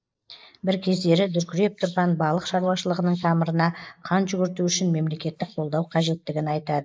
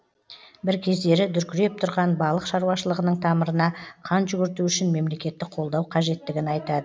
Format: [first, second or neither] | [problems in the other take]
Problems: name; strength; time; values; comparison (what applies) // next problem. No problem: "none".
second | noise reduction (neural mask model Resemble Enhance denoiser)